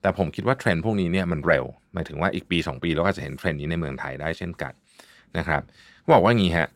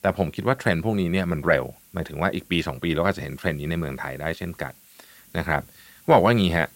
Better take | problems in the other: first | hiss; faint; throughout; 25 dB below the speech

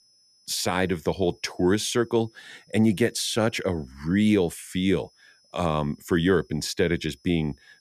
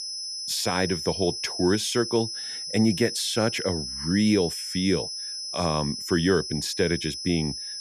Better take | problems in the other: first | high-pitched whine; loud; throughout; 5 kHz, 5 dB below the speech; faint in the first

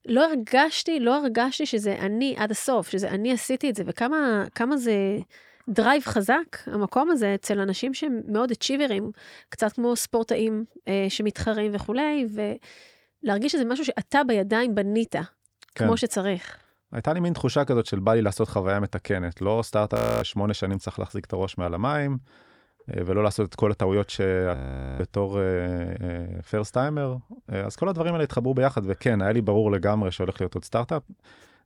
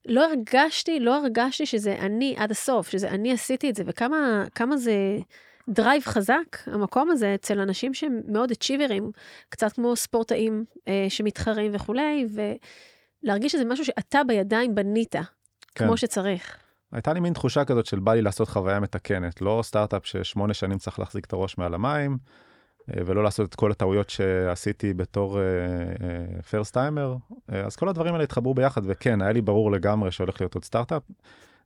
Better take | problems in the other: second | audio freezing; at 20 s and at 25 s

